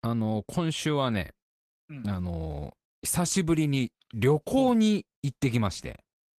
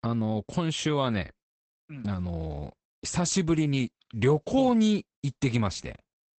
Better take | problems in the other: first | garbled, watery; badly; nothing above 8 kHz; slightly in the first

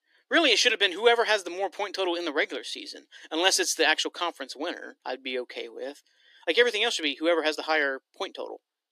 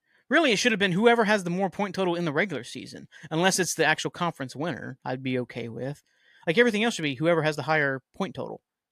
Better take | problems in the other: second | thin; somewhat; fading below 300 Hz

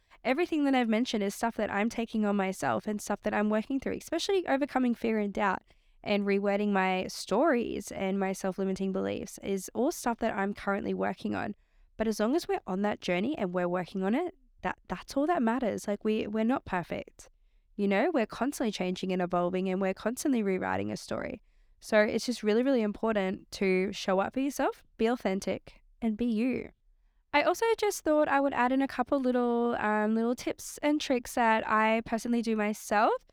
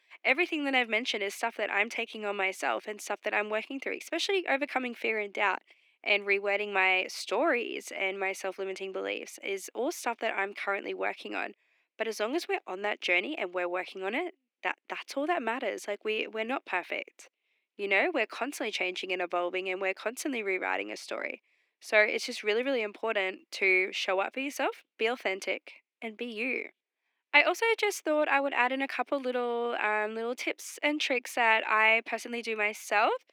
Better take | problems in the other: first | thin; somewhat; fading below 300 Hz

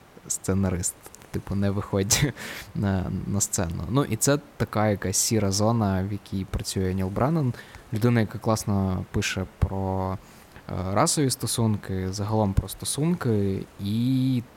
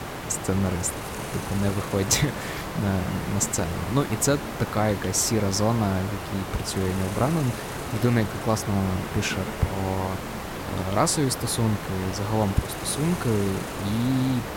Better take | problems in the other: first | hiss; loud; throughout; 7 dB below the speech; faint in the first

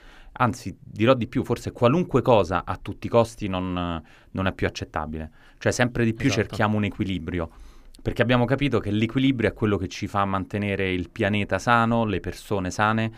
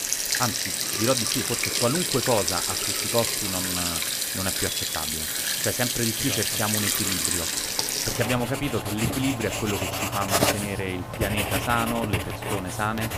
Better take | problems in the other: first | household noises; very loud; throughout; 4 dB above the speech

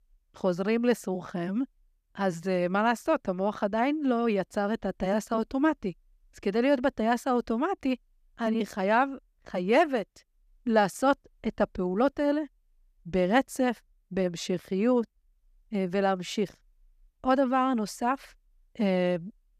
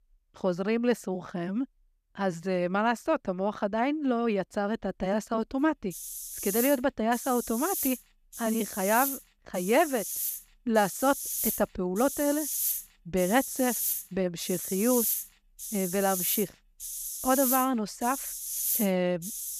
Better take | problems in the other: first | hiss; loud; from 5.5 s on; 3 dB below the speech

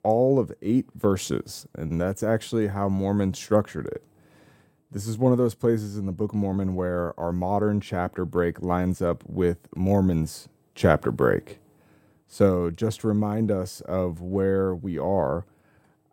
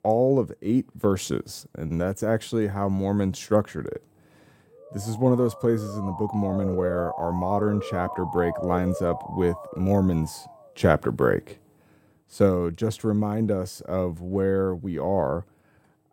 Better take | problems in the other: first | siren; noticeable; from 5 to 11 s; peak 5 dB below the speech

